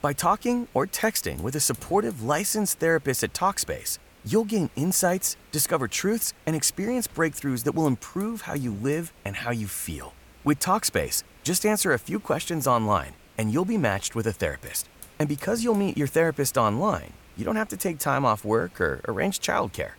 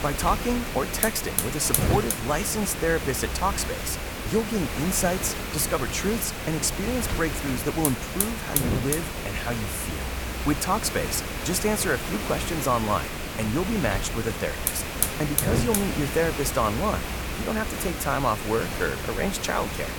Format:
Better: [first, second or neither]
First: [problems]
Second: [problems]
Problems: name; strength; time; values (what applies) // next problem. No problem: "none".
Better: first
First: hiss; faint; throughout; 25 dB below the speech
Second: hiss; loud; throughout; 2 dB below the speech